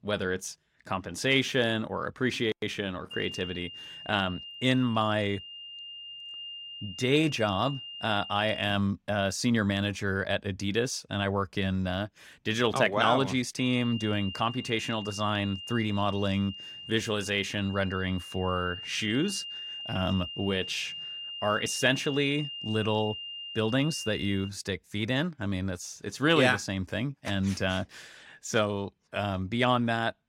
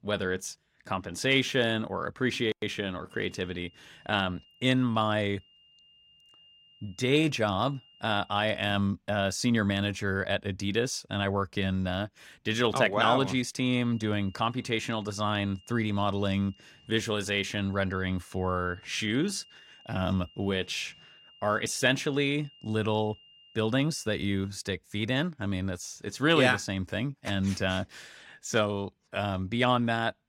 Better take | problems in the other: second | high-pitched whine; loud; from 3 to 9 s and from 14 to 24 s; 3 kHz, 10 dB below the speech; faint in the second

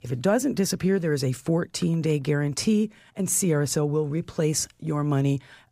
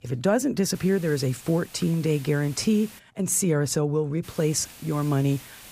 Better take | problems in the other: first | hiss; noticeable; from 1 to 3 s and from 4 s on; 20 dB below the speech

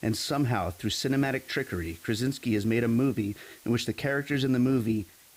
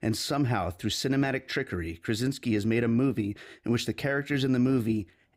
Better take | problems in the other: second | hiss; faint; throughout; 25 dB below the speech

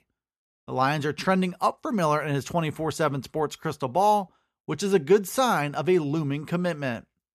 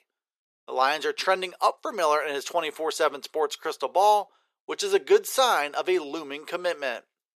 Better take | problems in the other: first | thin; very; fading below 400 Hz

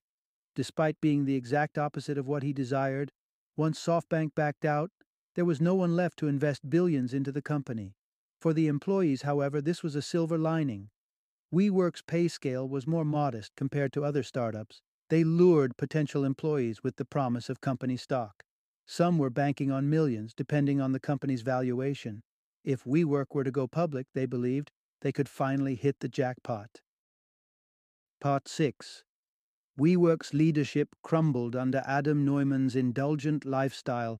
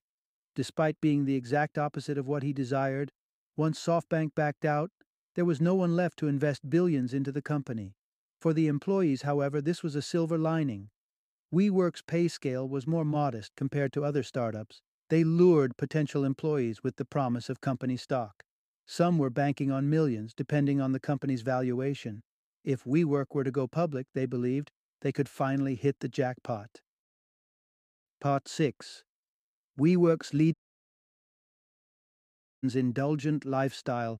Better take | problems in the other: first | audio cutting out; at 31 s for 2 s

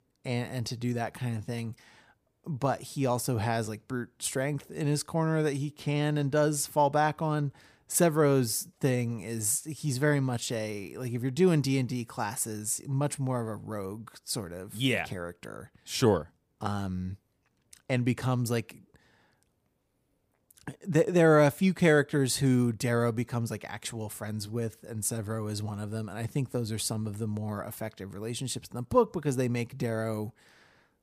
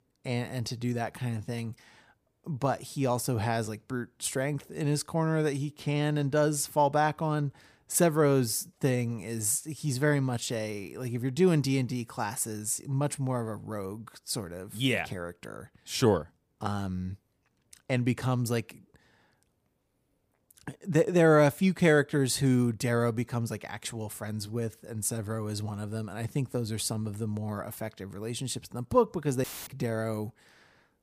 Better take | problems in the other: first | audio cutting out; filled with static; at 29 s

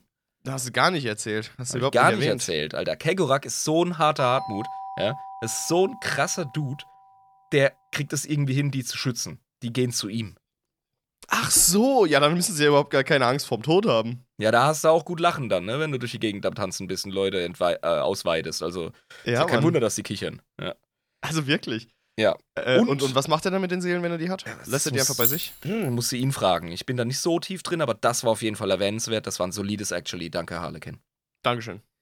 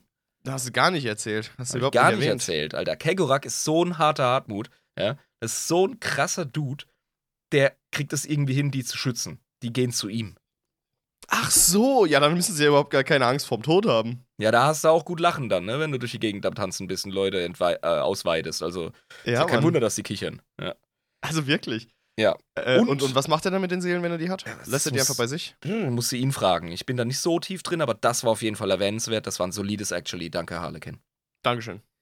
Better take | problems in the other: second | doorbell; faint; from 4 to 7 s; peak 10 dB below the speech // jangling keys; loud; at 25 s; peak 1 dB above the speech

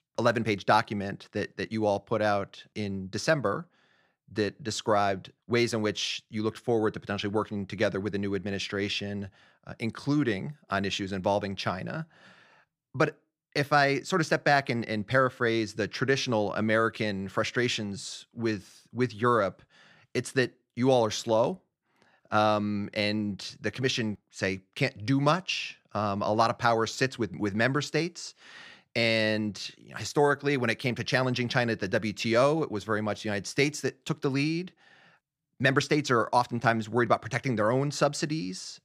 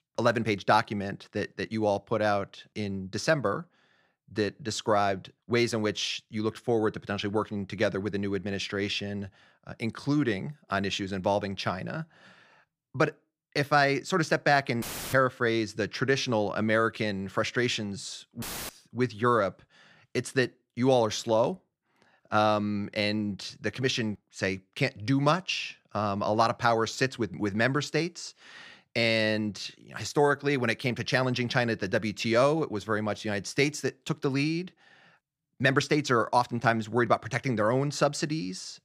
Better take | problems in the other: first | audio cutting out; filled with static; at 15 s and at 18 s

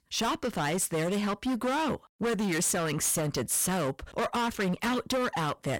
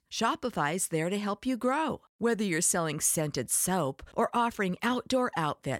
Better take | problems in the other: second | distortion; heavy; 26% of the sound clipped

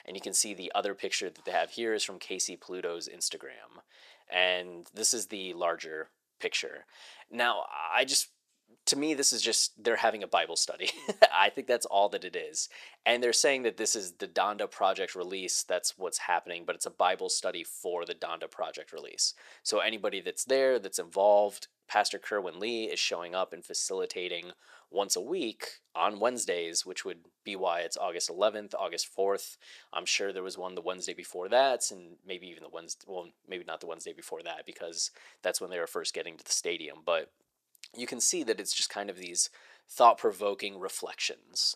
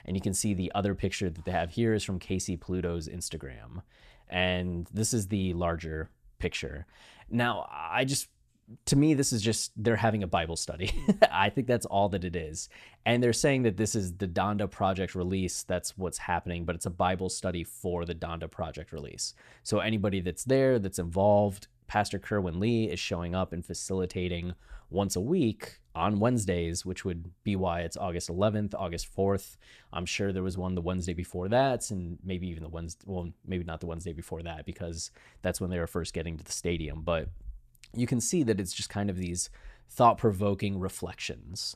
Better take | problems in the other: second | thin; very; fading below 400 Hz

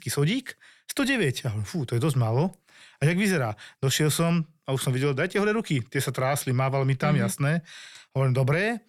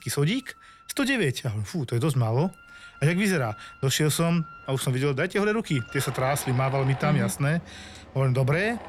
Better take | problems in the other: first | machinery noise; noticeable; throughout; 15 dB below the speech

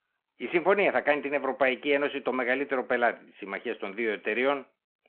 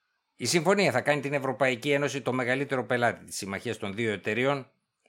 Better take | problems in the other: second | phone-call audio

